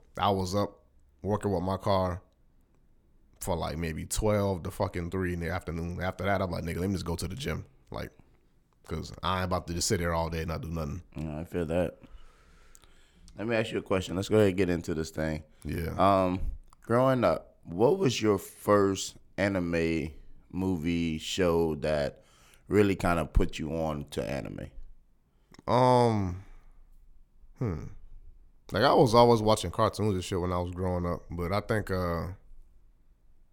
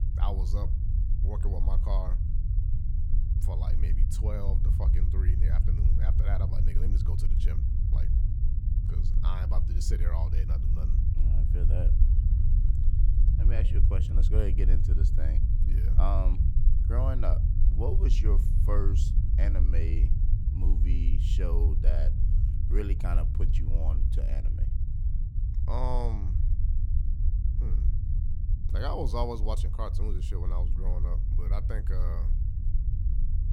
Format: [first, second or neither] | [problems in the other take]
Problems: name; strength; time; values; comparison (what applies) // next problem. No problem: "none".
first | low rumble; loud; throughout; 5 dB below the speech